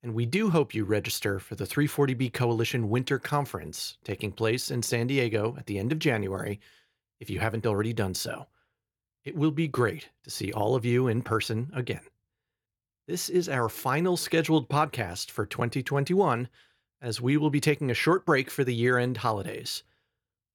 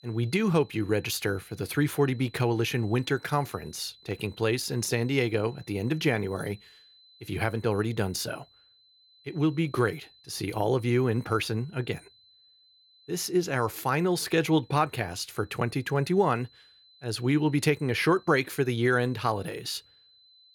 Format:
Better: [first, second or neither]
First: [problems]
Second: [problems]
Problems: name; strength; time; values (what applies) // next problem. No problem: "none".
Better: first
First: none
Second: high-pitched whine; faint; throughout; 4 kHz, 30 dB below the speech